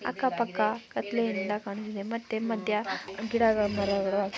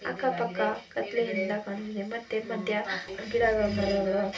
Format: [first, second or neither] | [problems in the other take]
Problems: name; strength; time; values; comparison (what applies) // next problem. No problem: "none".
first | room echo; dies away in 0.2 s